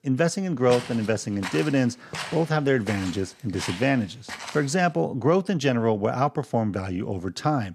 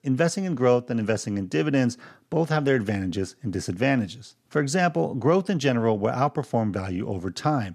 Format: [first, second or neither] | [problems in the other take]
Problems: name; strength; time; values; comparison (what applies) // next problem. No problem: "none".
second | footsteps; noticeable; from 0.5 to 4.5 s; peak 8 dB below the speech